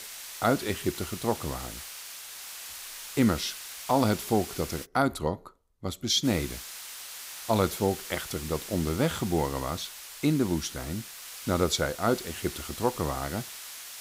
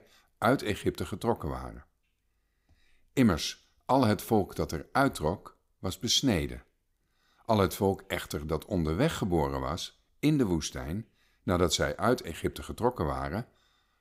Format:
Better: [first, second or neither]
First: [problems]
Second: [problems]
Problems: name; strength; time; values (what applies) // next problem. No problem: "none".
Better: second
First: hiss; loud; until 5 s and from 6 s on; 10 dB below the speech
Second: none